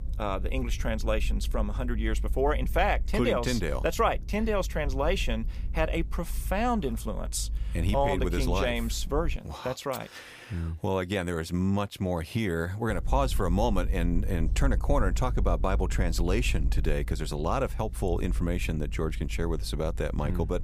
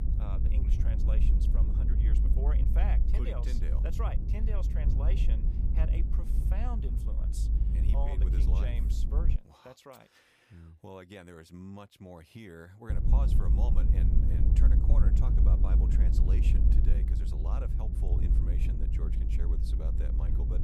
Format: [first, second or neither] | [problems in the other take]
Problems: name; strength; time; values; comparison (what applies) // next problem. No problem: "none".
first | low rumble; loud; until 9.5 s and from 13 s on; as loud as the speech; faint in the first